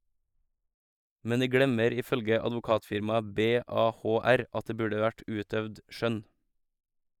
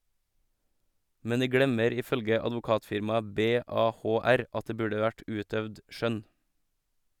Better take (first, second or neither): second